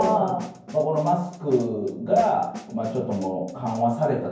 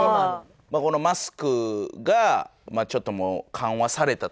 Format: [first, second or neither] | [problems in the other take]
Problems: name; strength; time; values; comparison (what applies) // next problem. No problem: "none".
second | background sound (Snare drum); 17 dB below the speech // room echo; dies away in 0.9 s